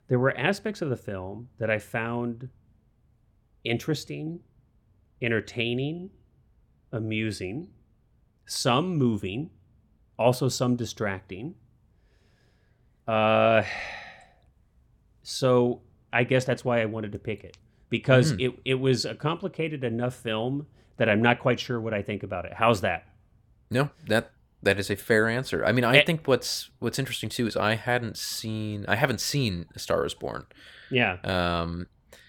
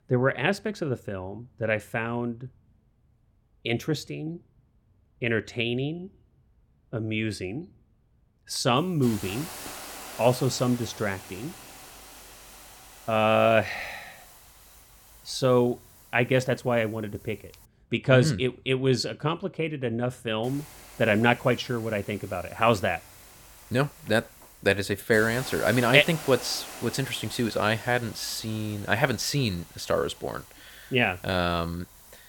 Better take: first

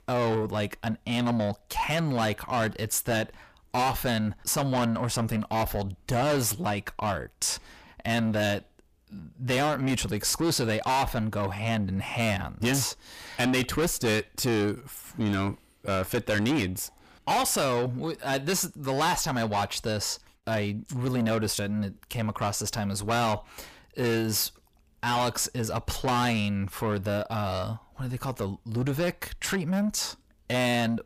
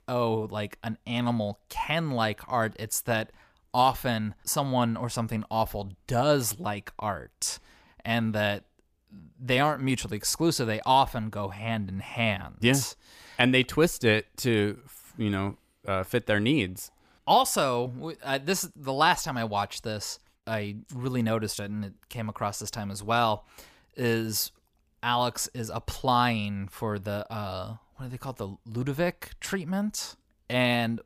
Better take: second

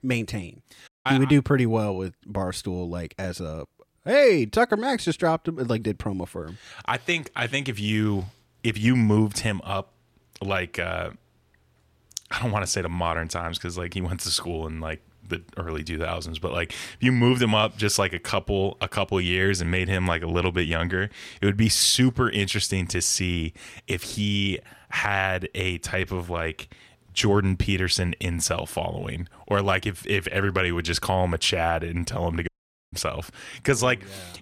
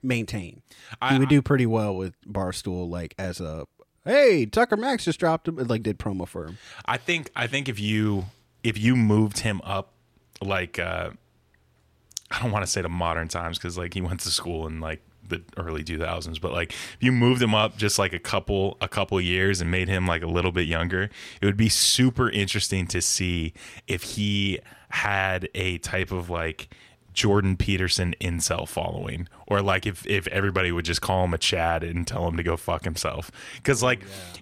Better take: second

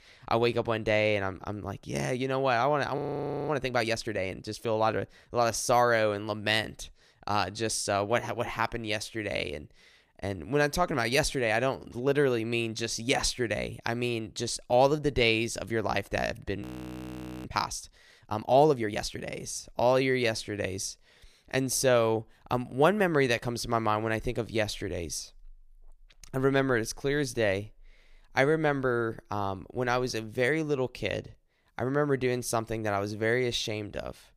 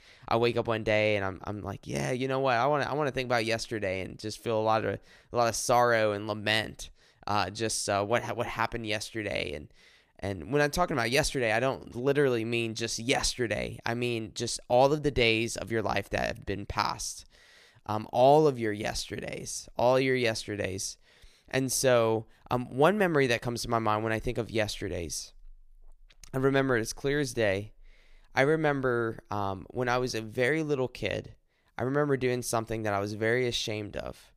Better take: second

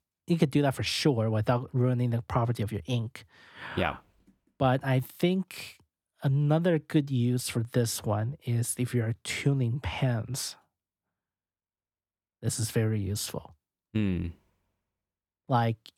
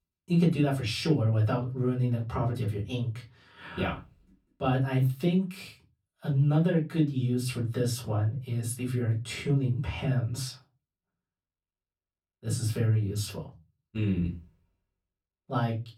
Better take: first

